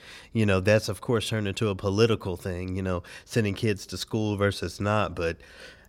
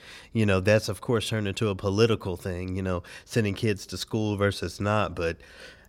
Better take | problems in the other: neither | none

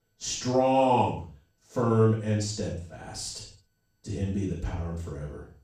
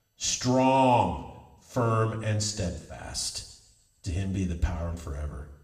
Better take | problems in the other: second | room echo; strong; dies away in 0.4 s; slight in the second // off-mic speech; far; somewhat distant in the second

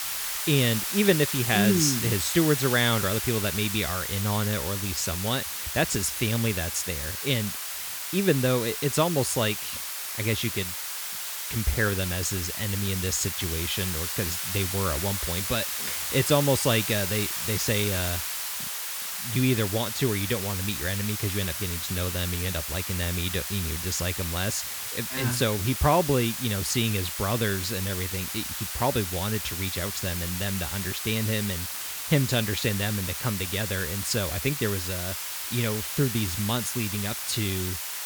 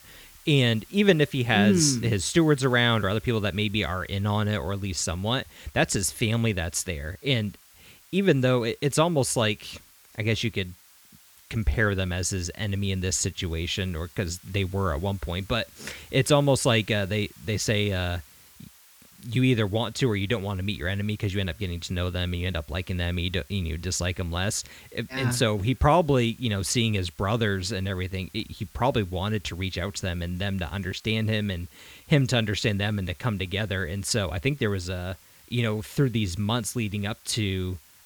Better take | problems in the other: second | hiss; loud; throughout; 2 dB below the speech; faint in the second

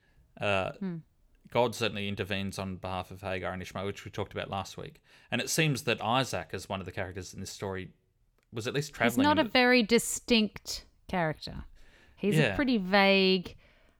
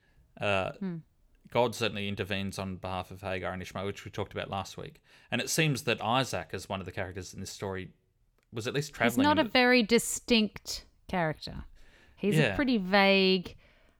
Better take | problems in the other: neither | none

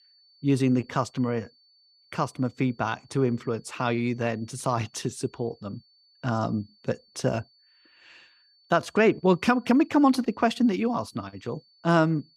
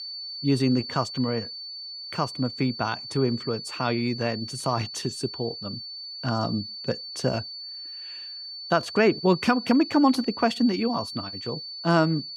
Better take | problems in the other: first | high-pitched whine; loud; throughout; 4.5 kHz, 9 dB below the speech; faint in the first

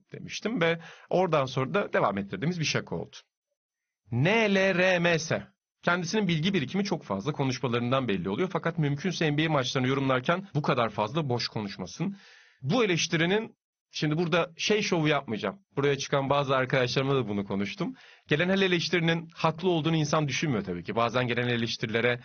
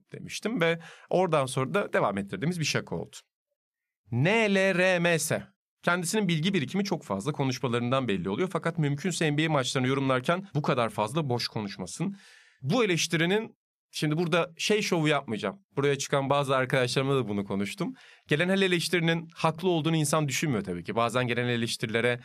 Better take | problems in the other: second | garbled, watery; slightly; nothing above 6.5 kHz

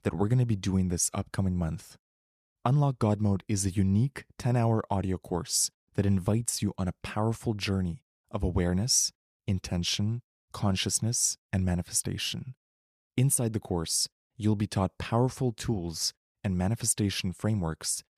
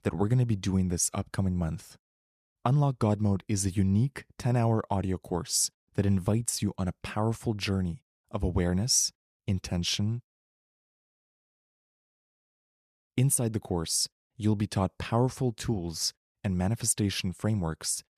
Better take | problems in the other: first | audio cutting out; at 10 s for 2.5 s

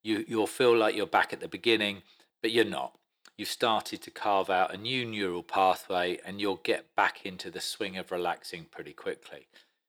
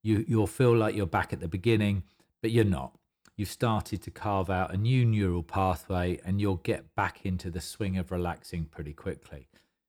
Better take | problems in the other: second | thin; very; fading below 400 Hz

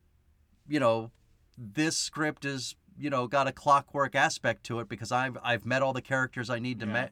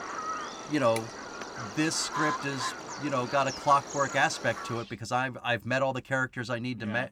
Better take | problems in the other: first | animal sounds; loud; until 5 s; 8 dB below the speech

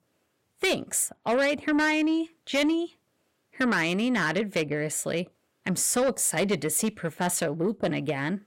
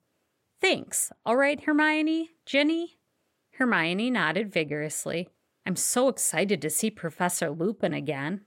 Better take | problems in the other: second | distortion; slight; 10 dB below the speech

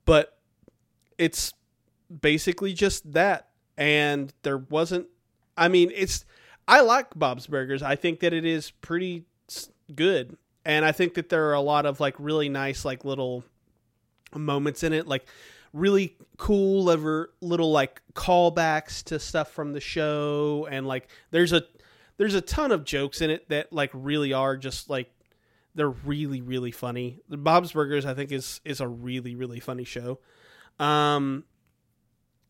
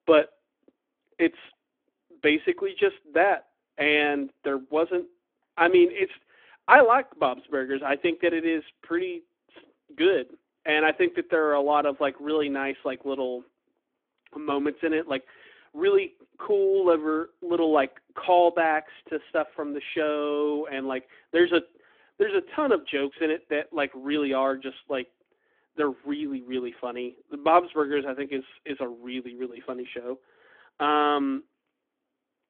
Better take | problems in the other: first | phone-call audio; nothing above 3.5 kHz

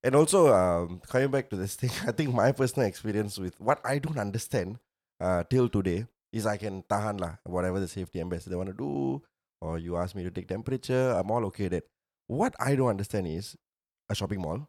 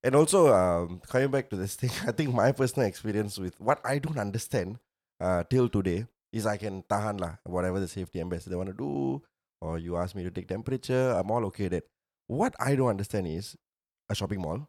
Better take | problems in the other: neither | none

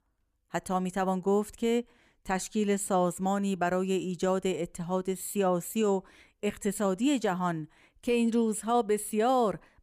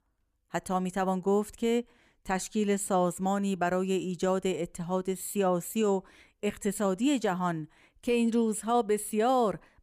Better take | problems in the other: neither | none

